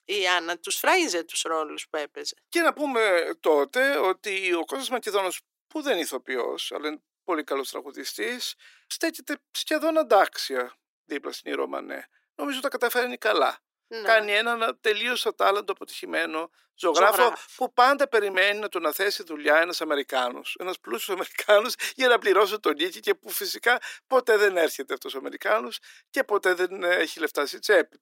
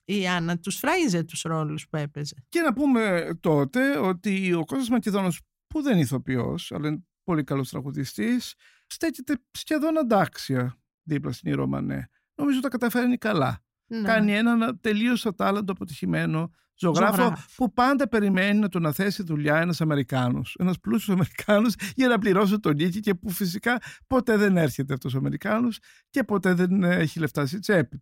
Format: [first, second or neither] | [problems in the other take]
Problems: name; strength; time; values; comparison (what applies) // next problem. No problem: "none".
second | thin; very; fading below 350 Hz